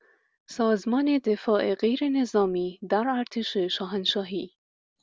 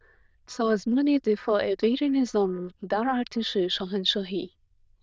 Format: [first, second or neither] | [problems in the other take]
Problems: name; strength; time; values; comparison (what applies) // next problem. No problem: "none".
first | noise reduction (neural diffusion model UNIVERSE++)